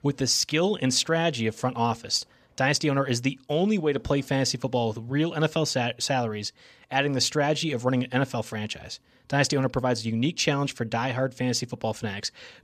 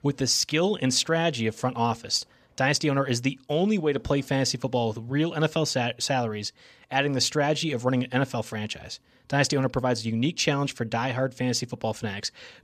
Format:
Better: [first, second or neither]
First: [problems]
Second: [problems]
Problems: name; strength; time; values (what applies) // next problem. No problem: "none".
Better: neither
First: none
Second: none